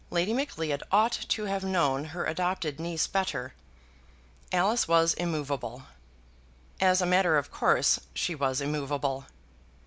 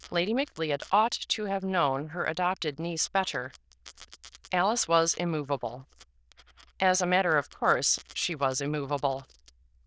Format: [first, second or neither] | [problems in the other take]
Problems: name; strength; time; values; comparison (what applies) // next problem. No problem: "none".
first | noise reduction (neural diffusion model UNIVERSE++)